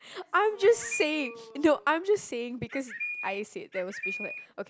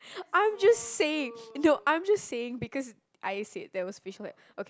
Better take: second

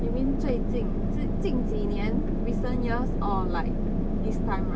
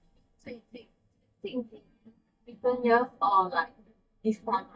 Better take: first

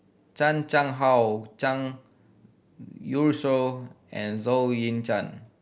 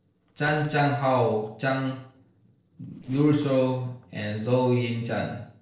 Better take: first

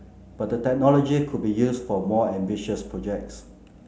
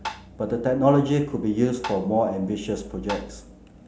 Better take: first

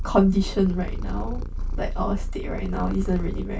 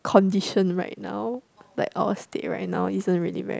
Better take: second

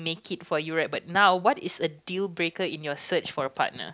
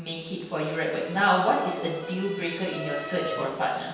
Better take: first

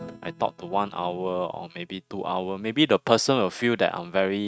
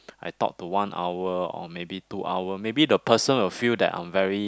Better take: second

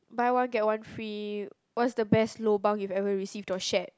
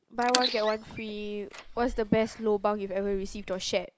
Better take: first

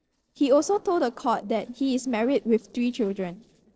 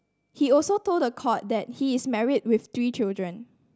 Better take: second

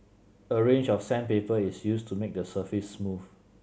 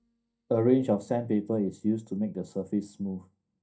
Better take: first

